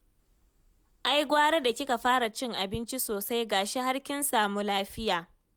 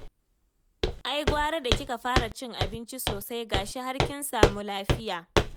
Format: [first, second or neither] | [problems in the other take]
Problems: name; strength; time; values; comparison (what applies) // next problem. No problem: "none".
first | background sound (Walk, footsteps); 3 dB above the speech